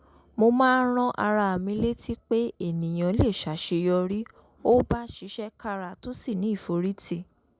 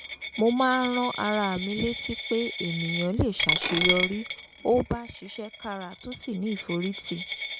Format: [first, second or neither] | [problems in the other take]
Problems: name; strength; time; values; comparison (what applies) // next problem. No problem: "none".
first | background sound (Coin (dropping)); 4 dB below the speech